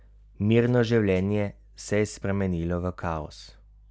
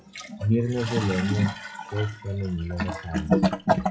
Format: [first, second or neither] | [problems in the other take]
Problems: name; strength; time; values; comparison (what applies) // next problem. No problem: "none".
first | noise reduction (classical method WPE with log-MMSE)